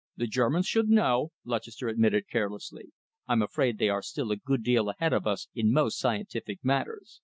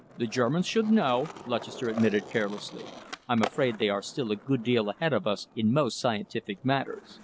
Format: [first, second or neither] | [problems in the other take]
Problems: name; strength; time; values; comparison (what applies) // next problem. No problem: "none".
first | background sound (Skateboard); 16 dB below the speech